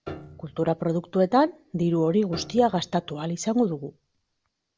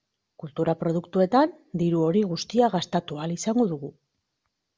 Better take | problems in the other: second | background sound (Piano); 20 dB below the speech

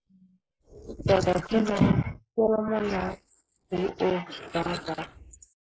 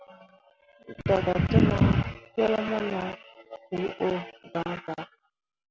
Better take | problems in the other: second | noise reduction (neural mask model Resemble Enhance denoiser)

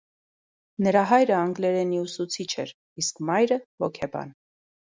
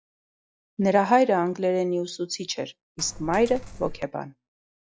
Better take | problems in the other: first | noise reduction (classical method log-MMSE)

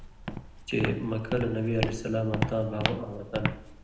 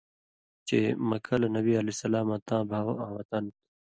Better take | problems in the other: second | background sound (Walk, footsteps); 4 dB below the speech // room echo; dies away in 0.8 s

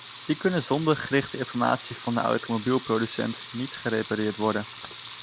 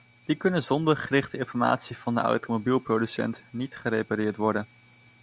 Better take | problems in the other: second | background sound (Sink (filling or washing) / Water tap, faucet / Liquid); 15 dB below the speech

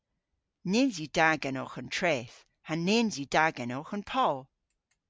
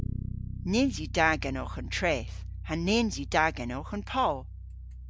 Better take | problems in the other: first | background sound (Bass guitar); 7 dB below the speech

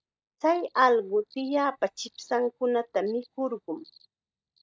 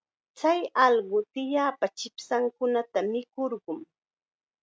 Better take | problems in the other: second | noise reduction (neural mask model DeepFilterNet 3)

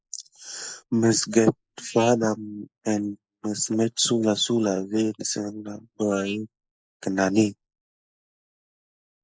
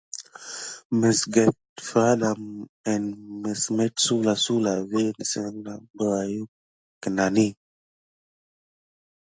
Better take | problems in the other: second | noise reduction (neural mask model Resemble Enhance denoiser)

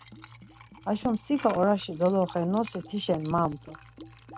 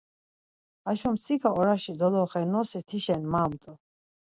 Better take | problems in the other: second | background sound (Liquid); 18 dB below the speech

